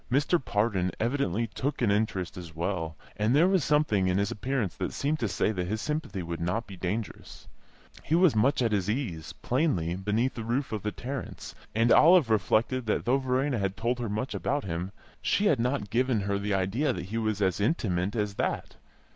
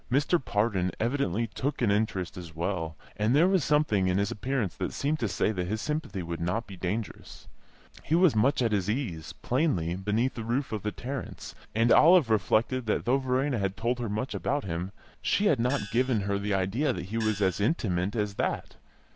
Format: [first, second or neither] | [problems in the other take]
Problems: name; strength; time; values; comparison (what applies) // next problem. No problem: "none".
first | background sound (Gong); 13 dB below the speech